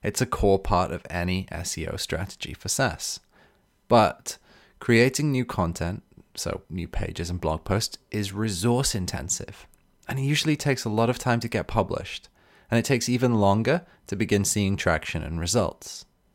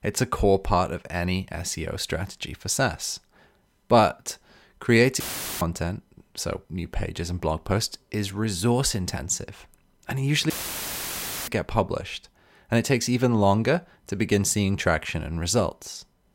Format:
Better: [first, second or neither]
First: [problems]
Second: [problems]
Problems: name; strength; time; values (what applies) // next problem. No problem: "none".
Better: first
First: none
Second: audio cutting out; filled with static; at 5 s and at 11 s for 1 s